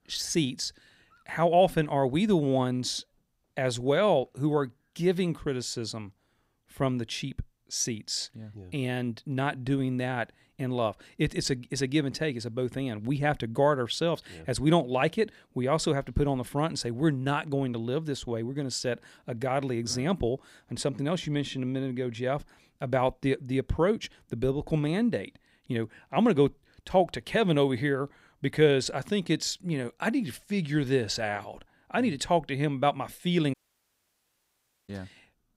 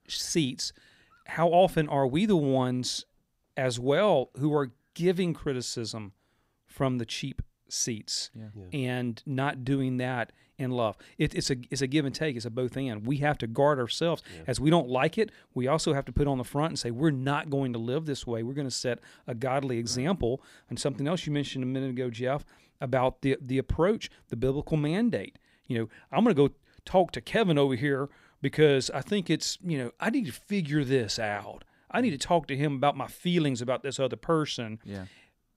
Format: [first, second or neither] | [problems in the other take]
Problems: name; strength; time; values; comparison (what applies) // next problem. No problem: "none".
second | audio cutting out; at 34 s for 1.5 s